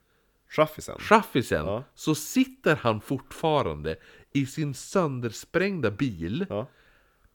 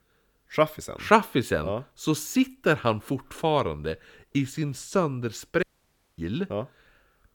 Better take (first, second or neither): first